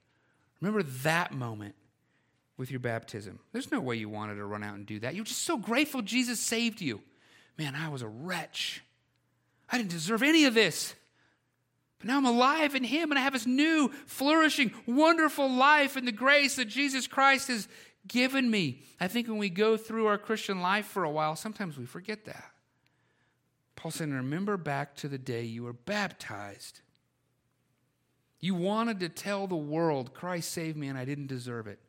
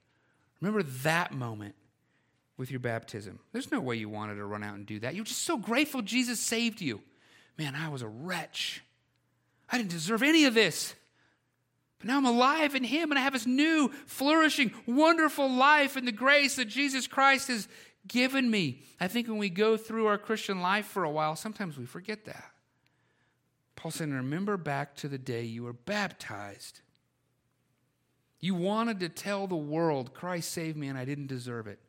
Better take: neither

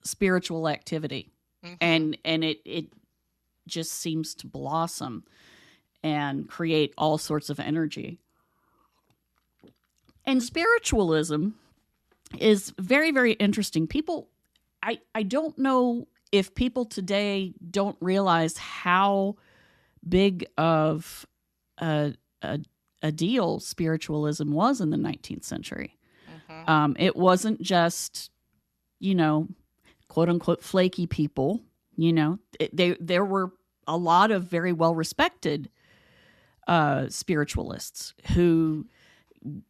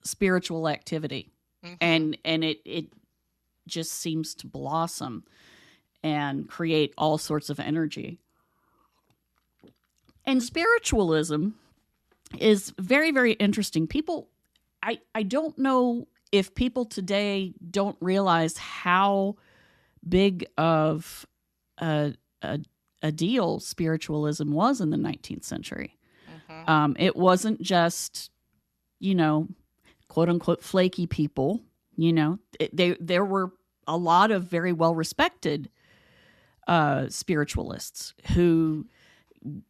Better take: neither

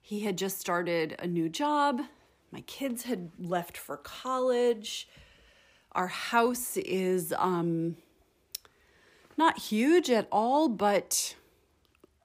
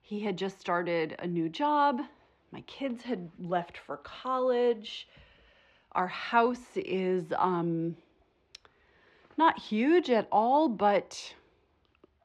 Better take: first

